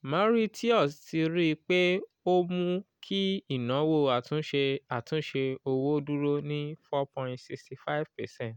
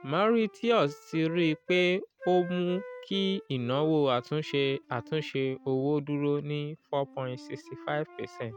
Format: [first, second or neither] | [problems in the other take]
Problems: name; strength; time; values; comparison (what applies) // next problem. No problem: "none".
first | noise reduction (neural mask model RNNoise)